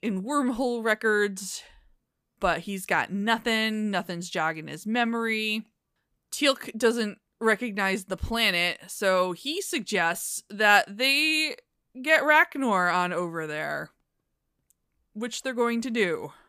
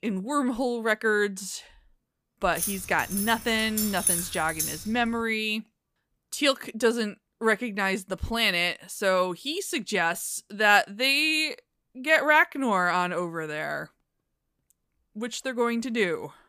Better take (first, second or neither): first